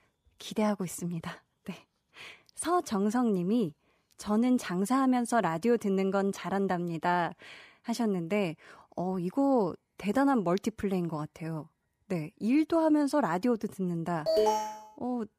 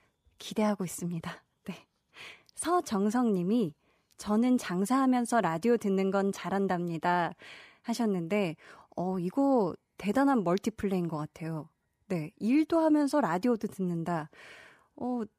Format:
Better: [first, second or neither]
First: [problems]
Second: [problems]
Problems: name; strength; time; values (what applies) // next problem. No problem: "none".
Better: second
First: alarm; loud; at 14 s; peak 3 dB above the speech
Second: none